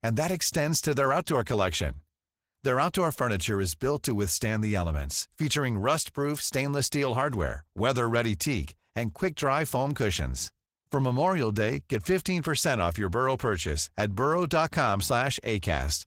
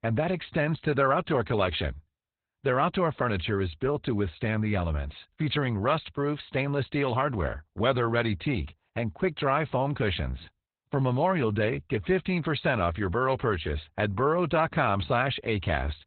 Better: first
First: garbled, watery; slightly; nothing above 16 kHz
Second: garbled, watery; badly; nothing above 4 kHz

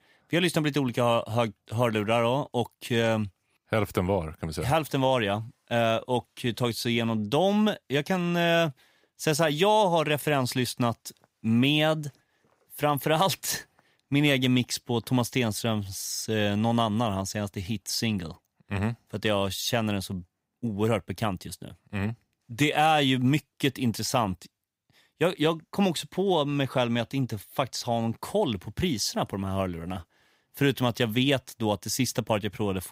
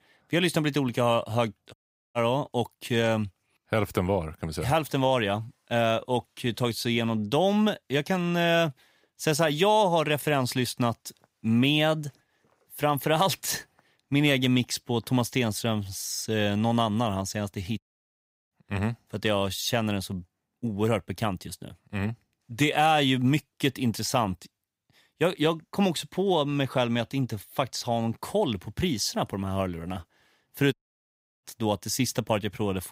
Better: first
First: none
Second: audio cutting out; at 1.5 s, at 18 s for 0.5 s and at 31 s for 0.5 s

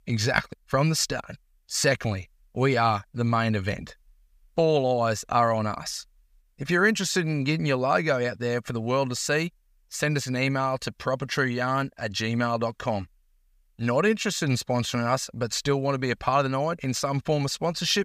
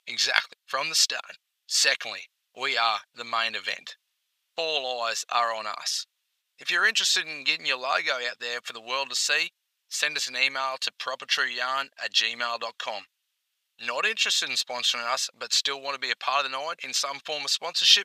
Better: first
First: none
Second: thin; very; fading below 850 Hz

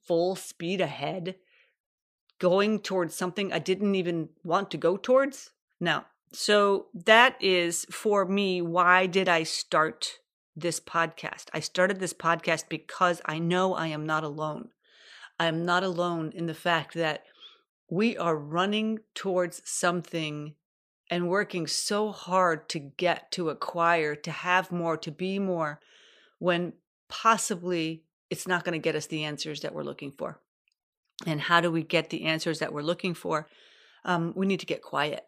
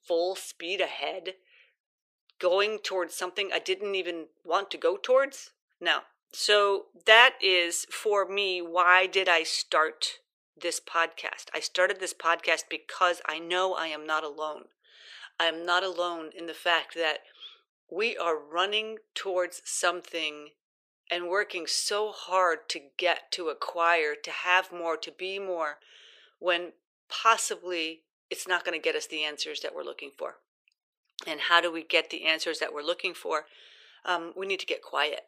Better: first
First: none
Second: thin; very; fading below 400 Hz

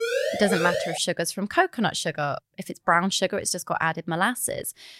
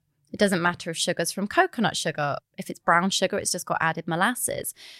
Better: second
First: siren; noticeable; at the start; peak 1 dB below the speech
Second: none

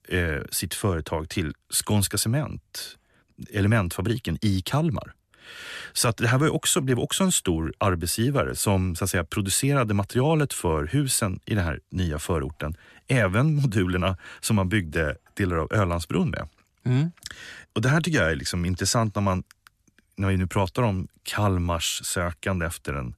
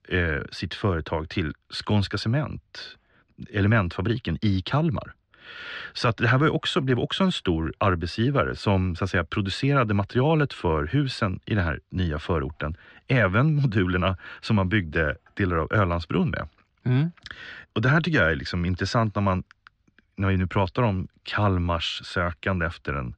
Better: first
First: none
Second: muffled; slightly; fading above 4.5 kHz

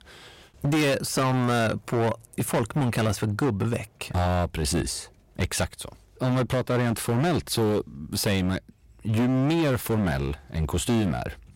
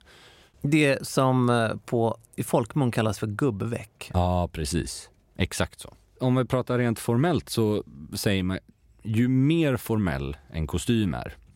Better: second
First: distortion; heavy; 16% of the sound clipped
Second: none

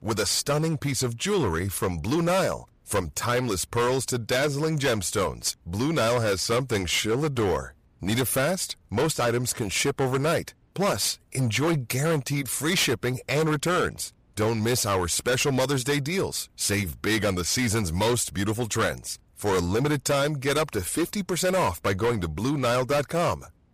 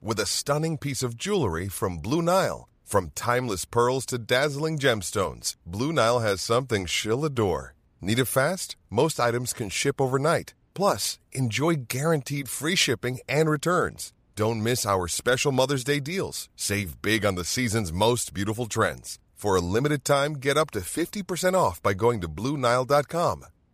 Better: second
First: distortion; heavy; 14% of the sound clipped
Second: none

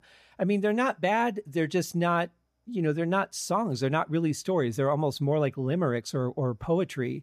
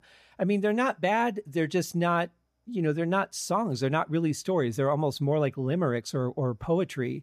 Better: neither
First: none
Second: none

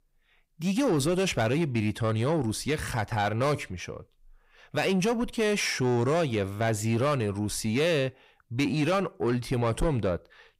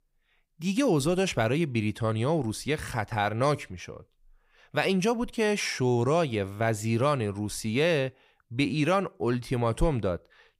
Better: second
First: distortion; slight; 10 dB below the speech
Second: none

